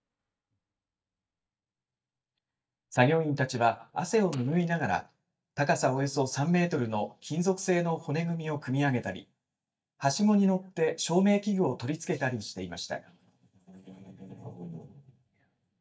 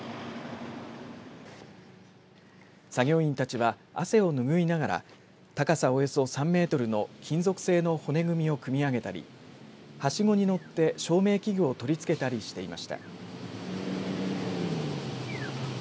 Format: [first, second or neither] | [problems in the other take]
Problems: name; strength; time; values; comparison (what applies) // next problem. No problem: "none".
second | noise reduction (neural mask model DeepFilterNet 3)